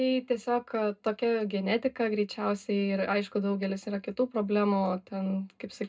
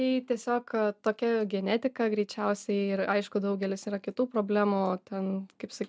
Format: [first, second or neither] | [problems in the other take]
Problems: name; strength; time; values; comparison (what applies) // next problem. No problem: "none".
second | room echo; dies away in 0.2 s